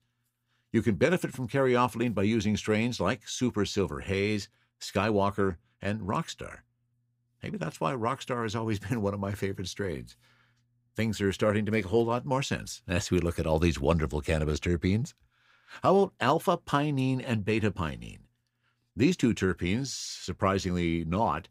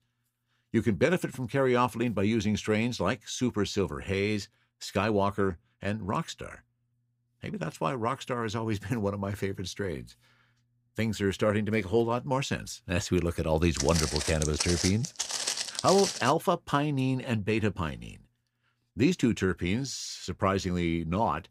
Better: first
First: none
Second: footsteps; noticeable; from 14 to 16 s; peak level with the speech

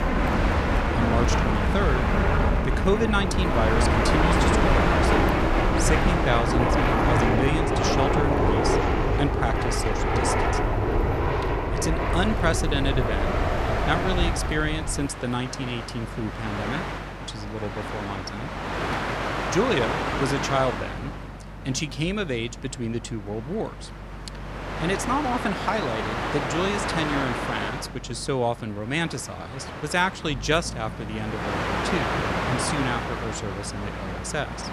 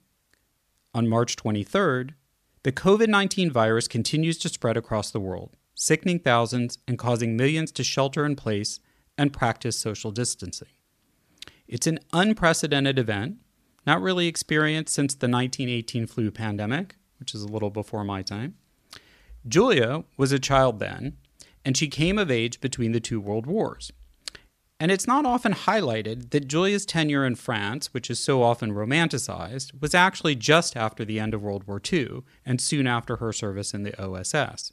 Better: second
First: train or aircraft noise; very loud; throughout; 3 dB above the speech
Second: none

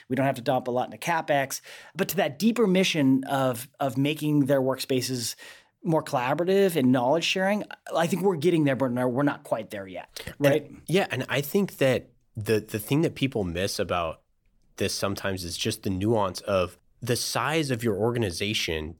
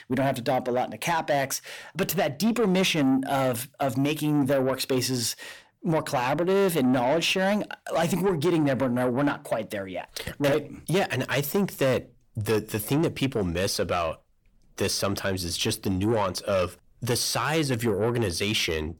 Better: first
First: none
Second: distortion; slight; 10 dB below the speech

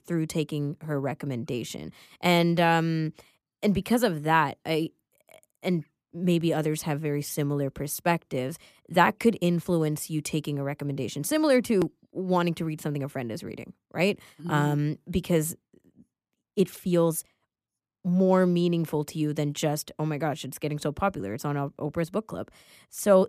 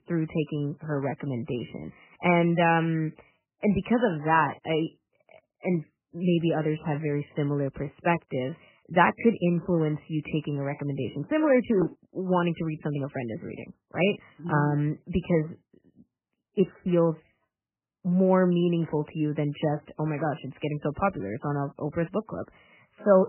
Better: first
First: none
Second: garbled, watery; badly; nothing above 3 kHz

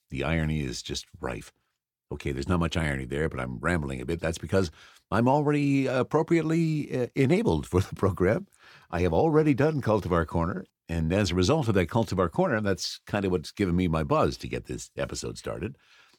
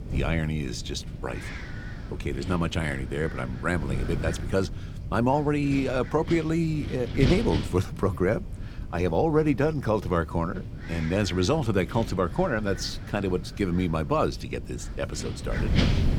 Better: first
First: none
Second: wind noise on the microphone; occasional gusts; 10 dB below the speech

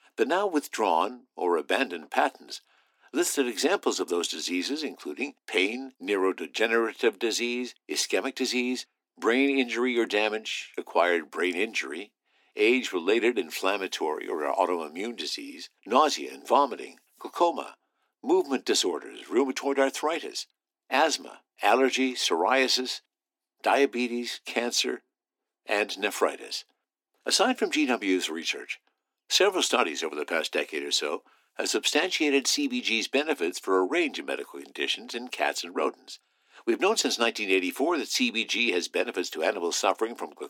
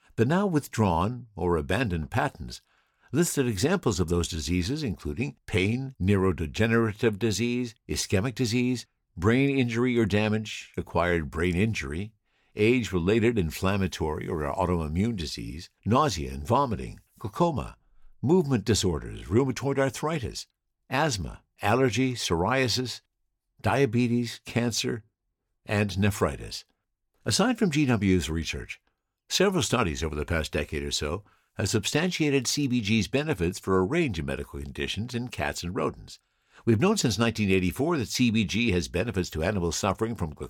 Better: second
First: thin; somewhat; fading below 250 Hz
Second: none

